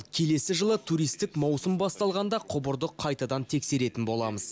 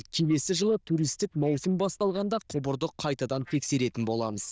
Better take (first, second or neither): first